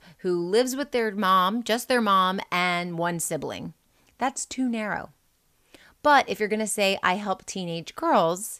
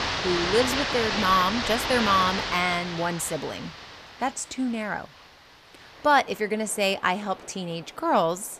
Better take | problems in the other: first | rain or running water; loud; throughout; 2 dB below the speech

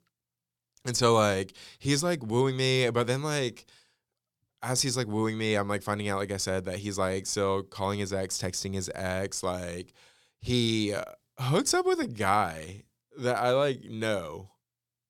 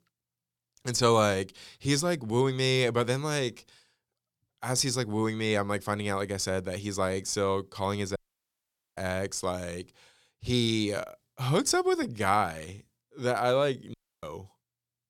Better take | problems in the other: first | audio cutting out; at 8 s for 1 s and at 14 s

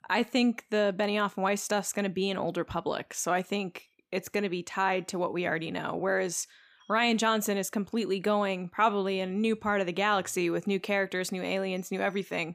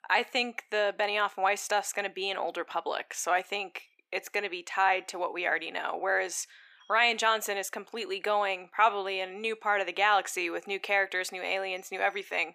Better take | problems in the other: first | thin; very; fading below 400 Hz

